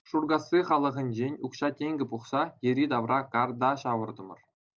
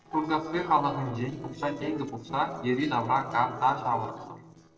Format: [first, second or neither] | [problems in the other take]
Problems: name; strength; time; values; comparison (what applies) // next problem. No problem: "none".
first | noise reduction (neural separator model SepFormer DNS4)